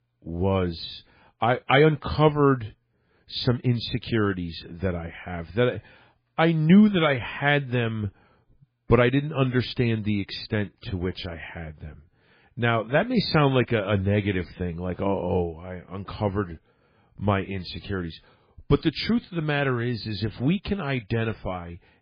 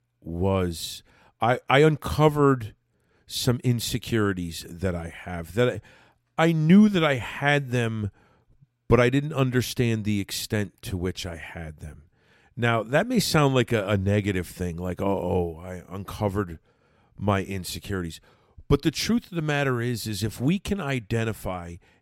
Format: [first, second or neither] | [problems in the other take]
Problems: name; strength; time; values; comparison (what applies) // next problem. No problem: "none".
second | garbled, watery; badly; nothing above 4 kHz